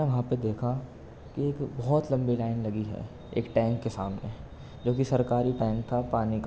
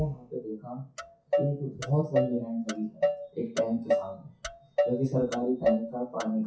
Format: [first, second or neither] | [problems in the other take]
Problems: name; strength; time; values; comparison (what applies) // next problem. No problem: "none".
first | noise reduction (classical method WPE with log-MMSE)